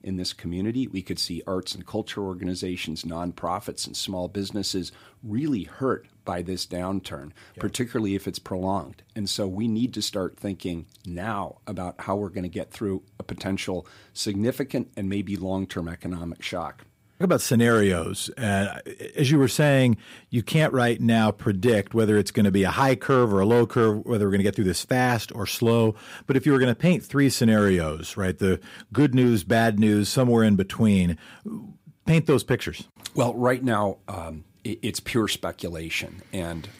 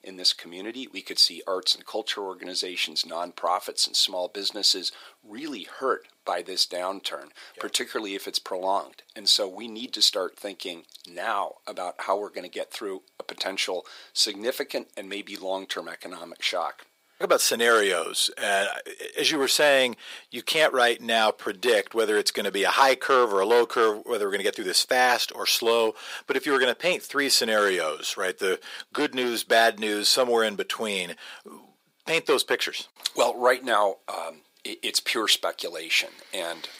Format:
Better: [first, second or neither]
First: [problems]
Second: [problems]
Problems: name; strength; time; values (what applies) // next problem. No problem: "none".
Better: first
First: none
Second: thin; very; fading below 500 Hz